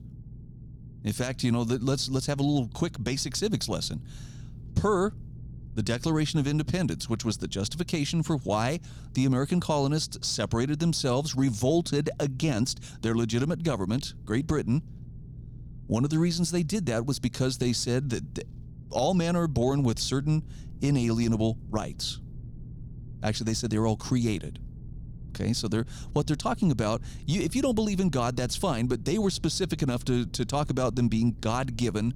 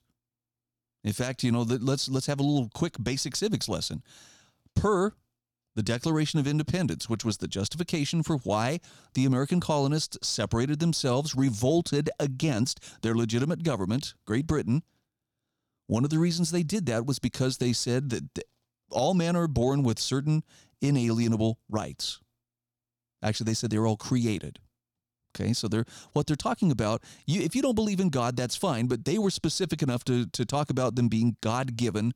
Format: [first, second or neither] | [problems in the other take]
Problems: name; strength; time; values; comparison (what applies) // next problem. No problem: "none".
second | low rumble; faint; throughout; 25 dB below the speech